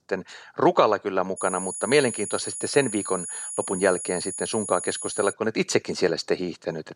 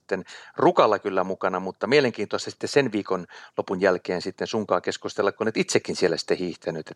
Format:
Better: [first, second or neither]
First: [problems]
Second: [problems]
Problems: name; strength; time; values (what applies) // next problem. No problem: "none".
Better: second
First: high-pitched whine; loud; from 1.5 to 5.5 s; 10 kHz, 6 dB below the speech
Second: none